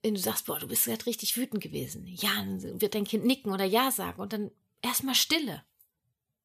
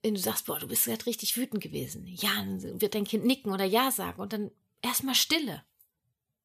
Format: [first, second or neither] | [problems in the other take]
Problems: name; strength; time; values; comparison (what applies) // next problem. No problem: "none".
neither | none